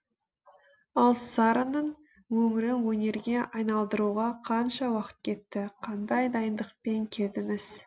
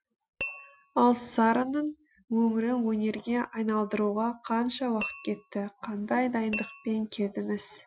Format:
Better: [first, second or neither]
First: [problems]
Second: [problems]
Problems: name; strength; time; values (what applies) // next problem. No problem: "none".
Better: first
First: none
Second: noise reduction (classical method Wiener filter)